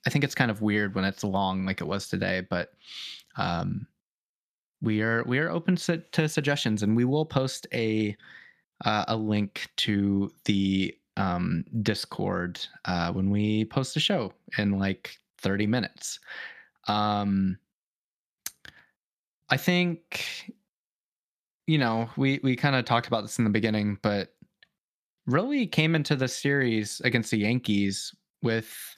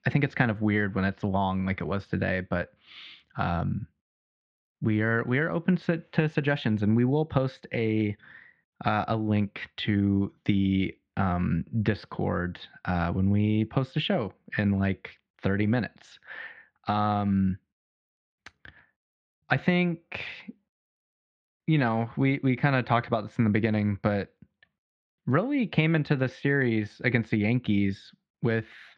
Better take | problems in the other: first | muffled; very; fading above 2.5 kHz

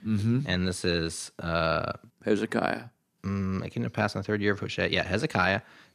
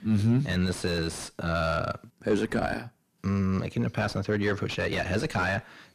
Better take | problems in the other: first | distortion; heavy; 6 dB below the speech

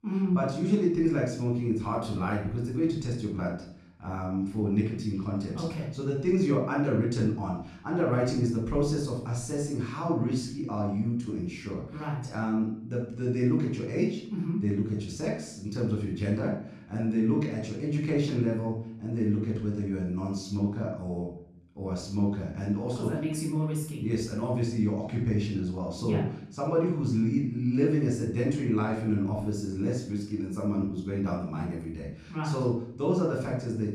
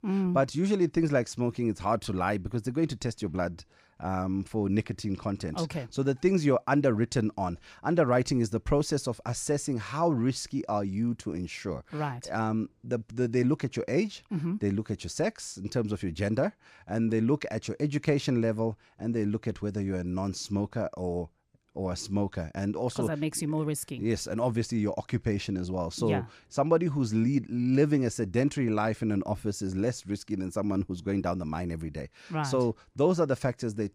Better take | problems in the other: second | off-mic speech; far // room echo; noticeable; dies away in 0.5 s

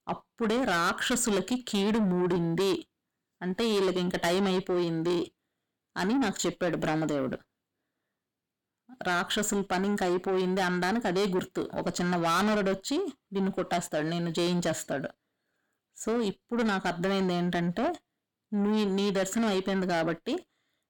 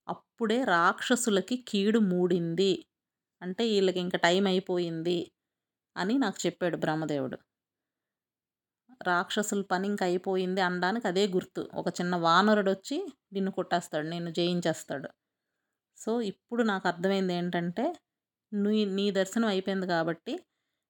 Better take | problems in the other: second | distortion; heavy; 7 dB below the speech

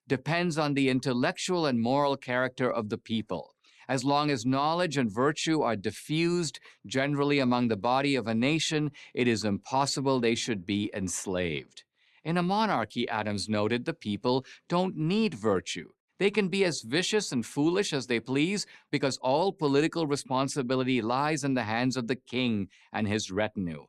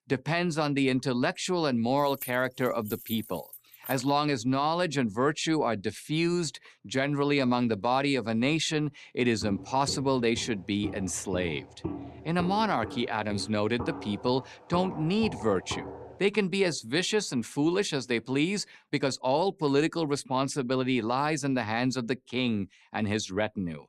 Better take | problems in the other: first | jangling keys; faint; from 2 to 4 s; peak 10 dB below the speech // footsteps; noticeable; from 9.5 to 16 s; peak 9 dB below the speech

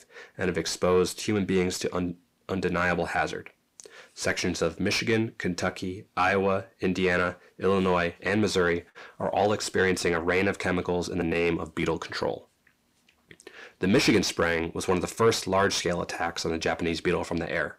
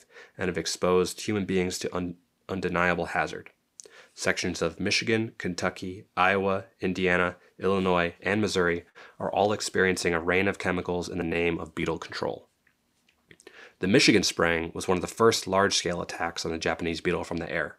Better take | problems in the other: second | distortion; slight; 10 dB below the speech

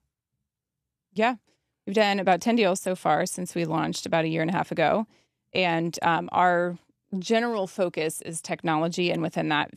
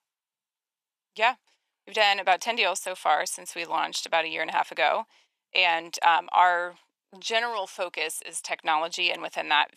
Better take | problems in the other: first | thin; very; fading below 750 Hz

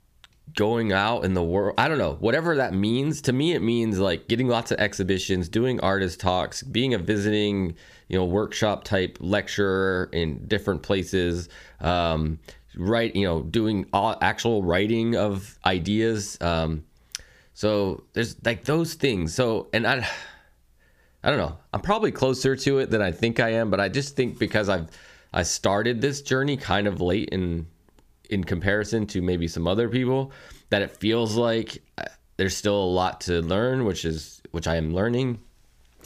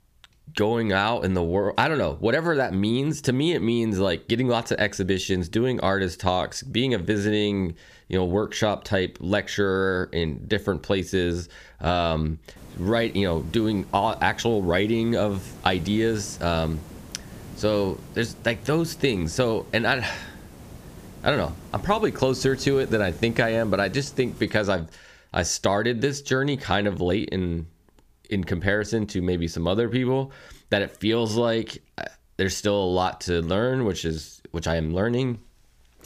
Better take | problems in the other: first | hiss; noticeable; from 13 to 24 s; 20 dB below the speech

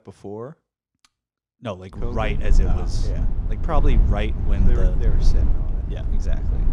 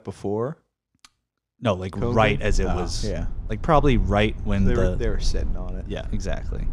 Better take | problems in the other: second | low rumble; loud; from 2 s on; 7 dB below the speech; faint in the second

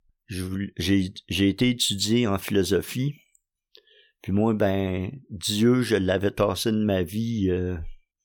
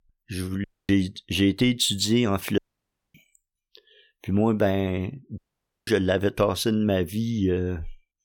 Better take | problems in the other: first | audio cutting out; at 0.5 s, at 2.5 s for 0.5 s and at 5.5 s

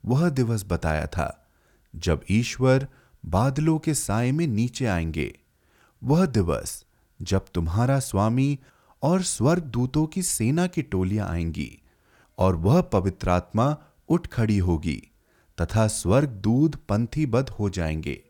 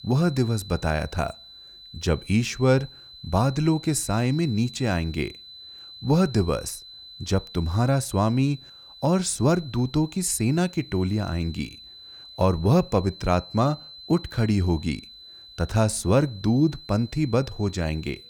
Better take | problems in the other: first | high-pitched whine; noticeable; throughout; 4 kHz, 20 dB below the speech

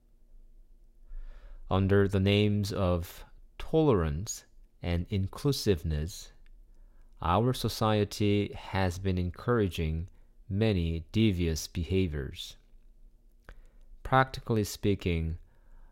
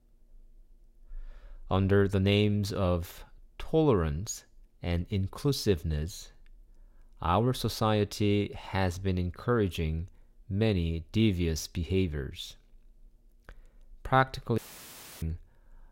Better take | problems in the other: first | audio cutting out; filled with static; at 15 s for 0.5 s

